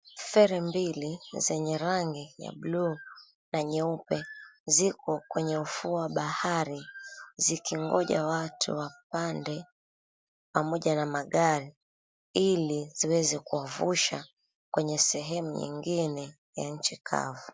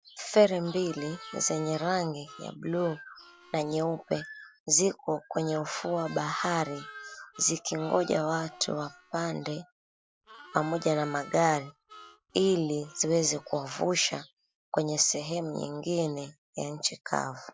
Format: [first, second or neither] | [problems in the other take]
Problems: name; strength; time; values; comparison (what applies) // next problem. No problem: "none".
first | background sound (Harmonica); 19 dB below the speech